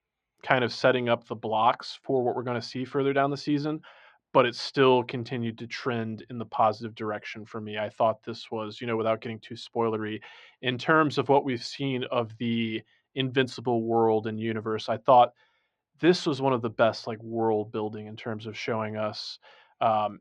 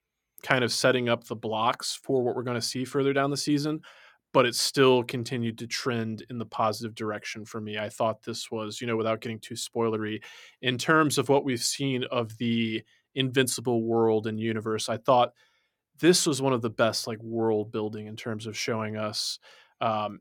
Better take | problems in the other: second | muffled; slightly; fading above 4 kHz

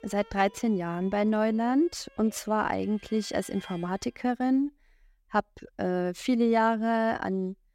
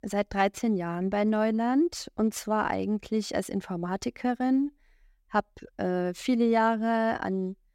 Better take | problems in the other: second | background music; faint; until 4 s; 25 dB below the speech

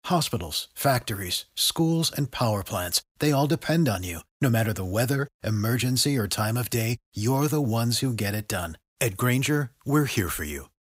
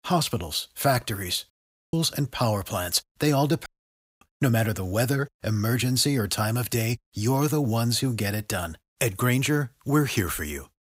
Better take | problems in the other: first | audio cutting out; at 1.5 s and at 3.5 s for 0.5 s

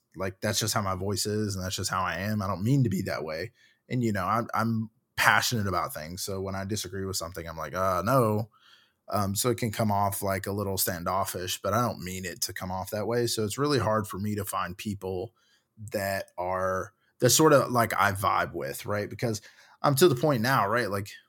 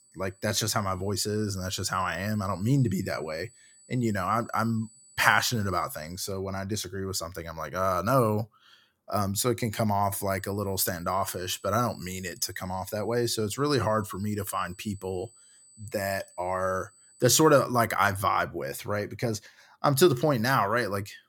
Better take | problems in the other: first | high-pitched whine; faint; until 6 s and from 10 to 18 s; 8 kHz, 25 dB below the speech

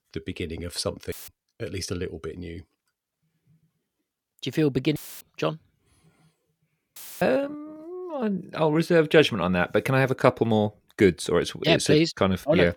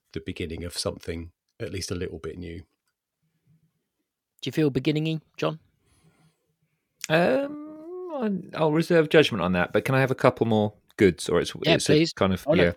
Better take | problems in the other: second | audio cutting out; filled with static; at 1 s, at 5 s and at 7 s

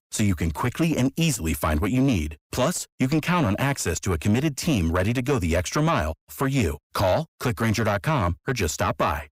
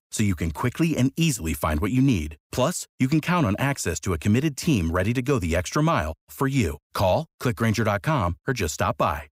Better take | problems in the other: second | distortion; slight; 10 dB below the speech

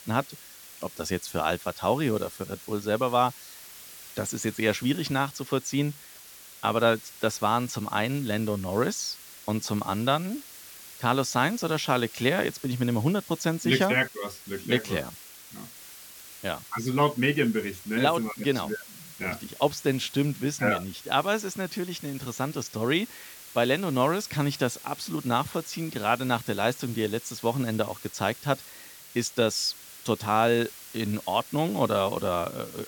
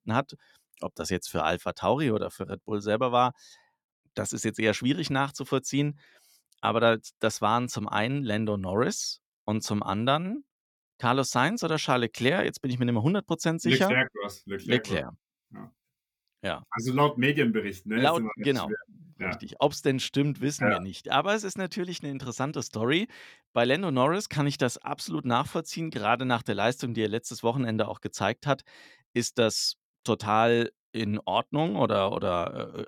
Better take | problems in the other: second | hiss; noticeable; throughout; 15 dB below the speech

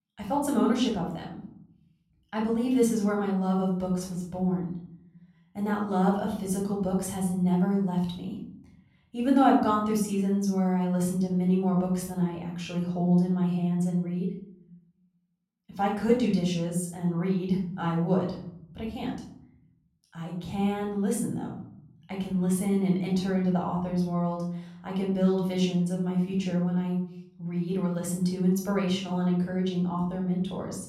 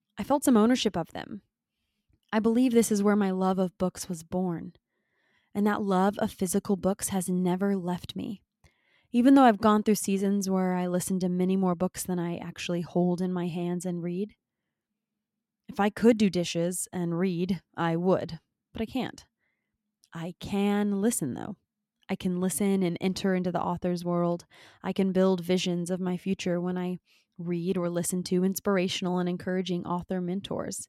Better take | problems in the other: second | room echo; noticeable; dies away in 0.8 s // off-mic speech; far

